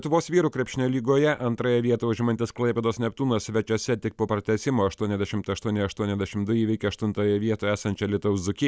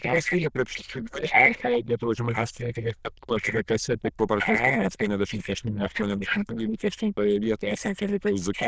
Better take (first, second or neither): first